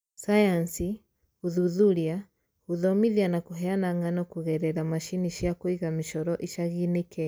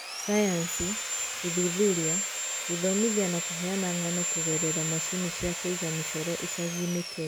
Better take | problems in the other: first | background sound (Sawing); 2 dB below the speech

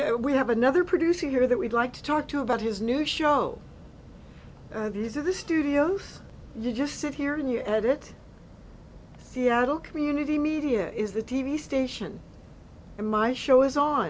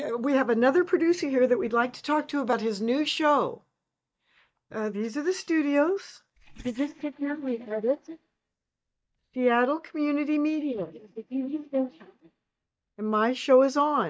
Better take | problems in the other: first | noise reduction (neural mask model DeepFilterNet 3)

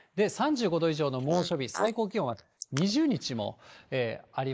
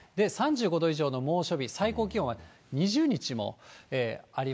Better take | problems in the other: second | noise reduction (neural mask model Resemble Enhance denoiser)

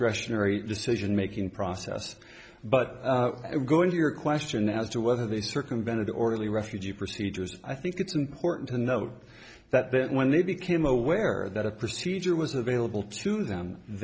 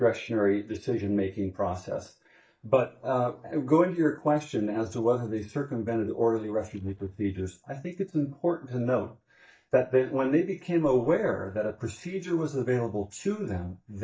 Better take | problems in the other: first | noise reduction (neural mask model DeepFilterNet 3)

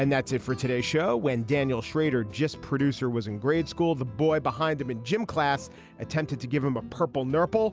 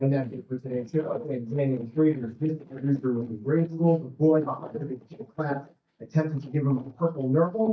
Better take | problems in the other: first | noise reduction (neural mask model DeepFilterNet 3)

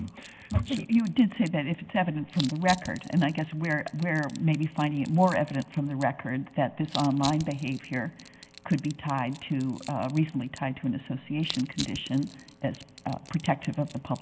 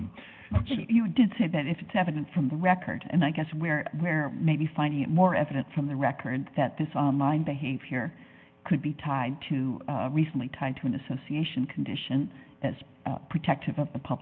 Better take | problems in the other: second | background sound (Crushing); 17 dB below the speech

